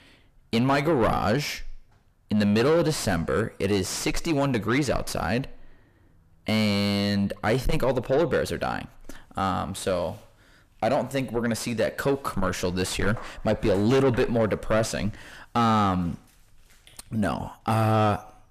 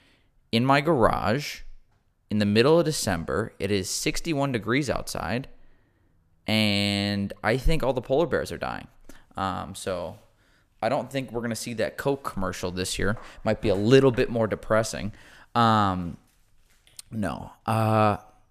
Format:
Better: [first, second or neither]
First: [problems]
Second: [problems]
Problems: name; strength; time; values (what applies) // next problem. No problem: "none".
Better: second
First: distortion; heavy; 6 dB below the speech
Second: none